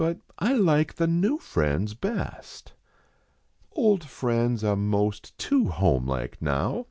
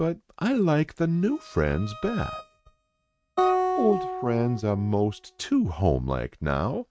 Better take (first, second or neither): first